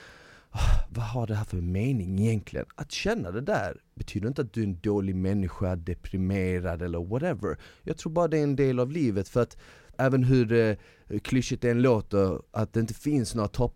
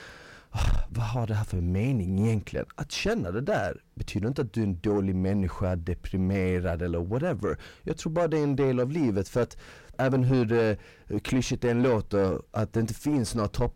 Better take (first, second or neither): first